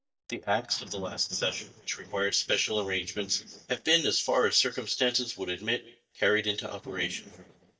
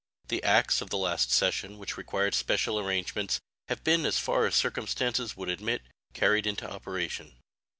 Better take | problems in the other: second | noise reduction (neural mask model DeepFilterNet 3)

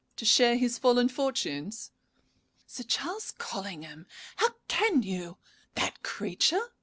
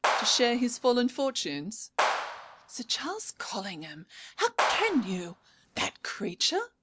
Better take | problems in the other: first | background sound (Clapping); 2 dB below the speech

